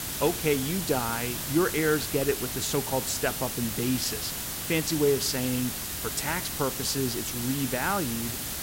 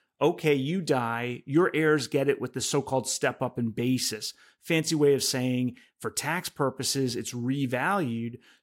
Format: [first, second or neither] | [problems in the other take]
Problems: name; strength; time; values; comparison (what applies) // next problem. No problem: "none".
second | hiss; loud; throughout; 2 dB below the speech